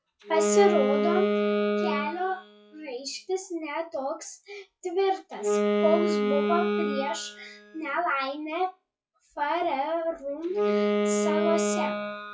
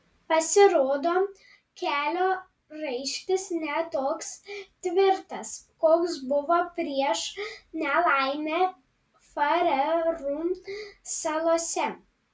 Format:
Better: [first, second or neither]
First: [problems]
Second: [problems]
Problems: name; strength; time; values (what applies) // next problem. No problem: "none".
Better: second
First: noise reduction (classical method log-MMSE)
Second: none